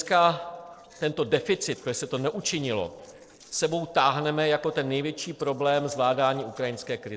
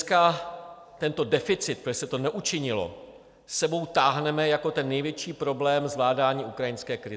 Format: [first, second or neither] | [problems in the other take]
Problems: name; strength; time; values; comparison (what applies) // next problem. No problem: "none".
second | noise reduction (neural separator model SepFormer DNS4)